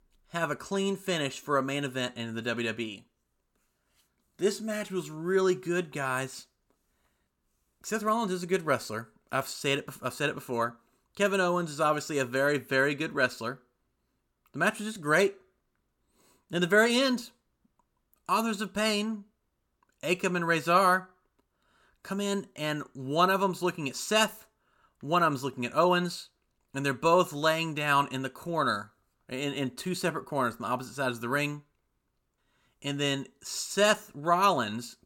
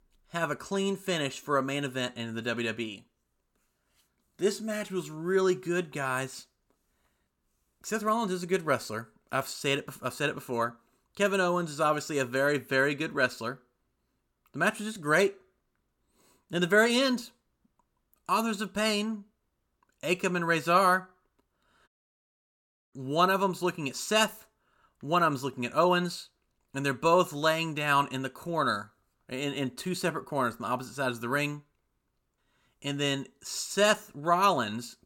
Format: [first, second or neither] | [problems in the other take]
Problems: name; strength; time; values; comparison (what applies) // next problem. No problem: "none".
first | audio cutting out; at 22 s for 1 s